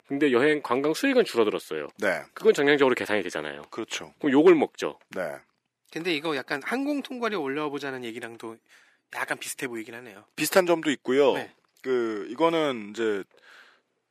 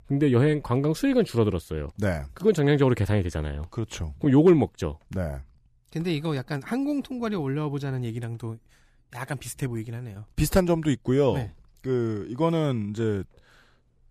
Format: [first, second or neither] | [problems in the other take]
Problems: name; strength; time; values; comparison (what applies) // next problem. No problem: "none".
second | thin; somewhat; fading below 300 Hz